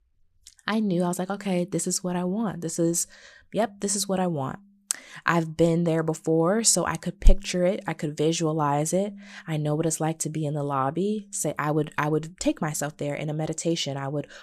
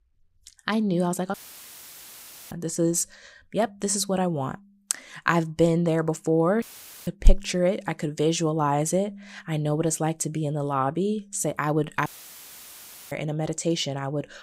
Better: first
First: none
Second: audio cutting out; filled with static; at 1.5 s for 1 s, at 6.5 s and at 12 s for 1 s

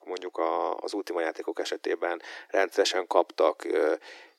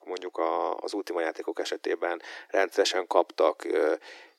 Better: neither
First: thin; very; fading below 300 Hz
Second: thin; very; fading below 300 Hz

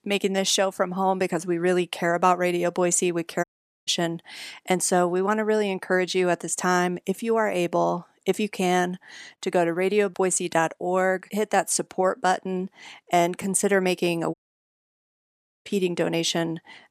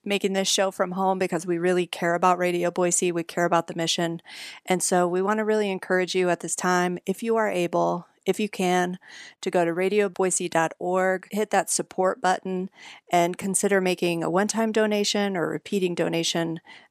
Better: second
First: audio cutting out; at 3.5 s and at 14 s for 1.5 s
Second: none

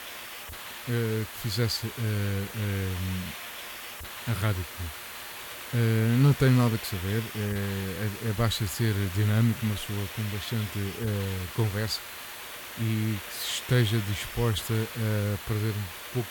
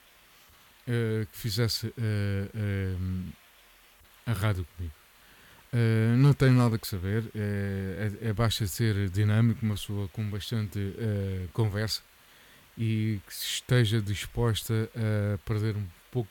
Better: second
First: hiss; loud; throughout; 9 dB below the speech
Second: hiss; faint; throughout; 25 dB below the speech

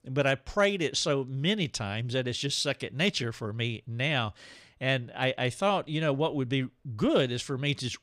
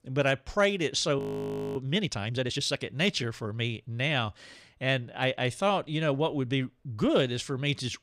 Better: first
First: none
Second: audio freezing; at 1 s for 0.5 s

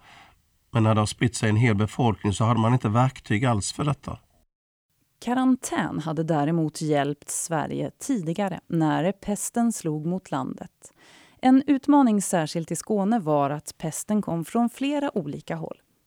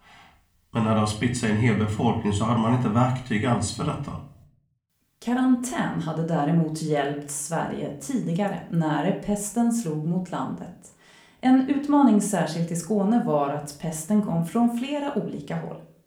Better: first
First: none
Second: room echo; slight; dies away in 0.4 s // off-mic speech; somewhat distant

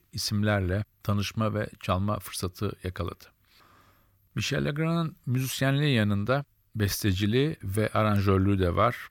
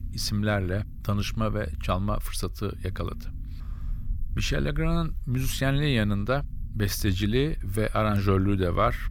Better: first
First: none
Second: low rumble; faint; throughout; 25 dB below the speech

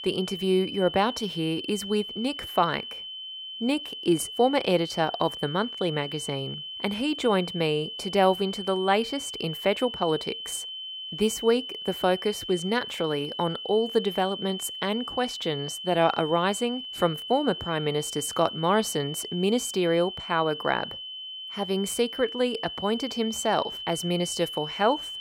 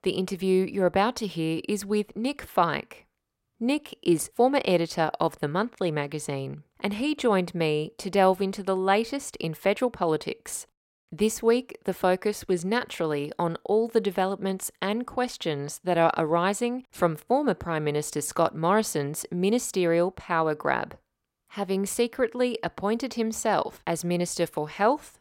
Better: second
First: high-pitched whine; loud; throughout; 3 kHz, 8 dB below the speech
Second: none

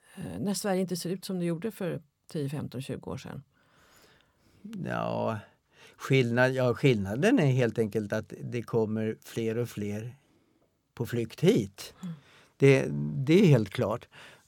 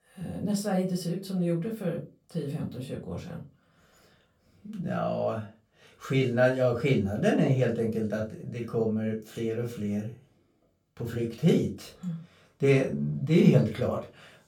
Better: first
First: none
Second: off-mic speech; far // room echo; very slight; dies away in 0.2 s

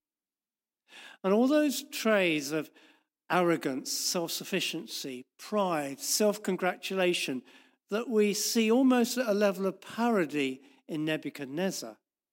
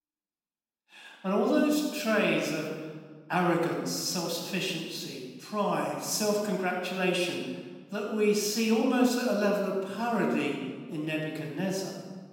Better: first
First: none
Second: off-mic speech; far // room echo; noticeable; dies away in 1.4 s

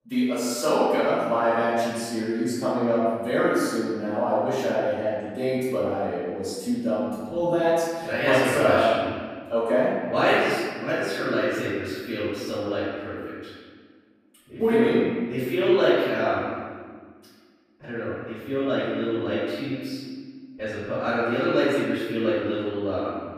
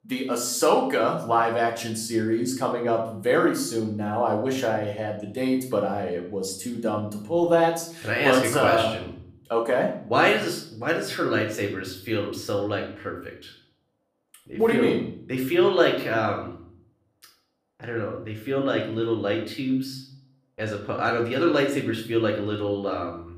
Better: second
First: room echo; strong; dies away in 1.6 s // off-mic speech; far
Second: room echo; slight; dies away in 0.5 s // off-mic speech; somewhat distant

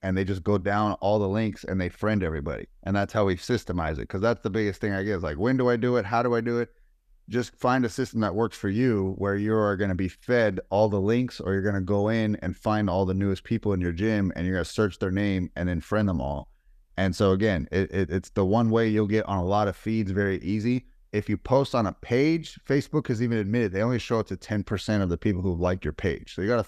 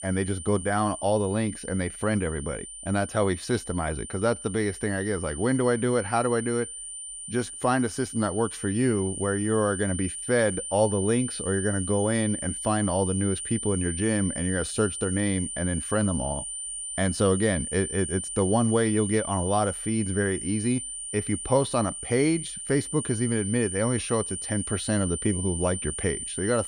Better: first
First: none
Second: high-pitched whine; loud; throughout; 9 kHz, 6 dB below the speech

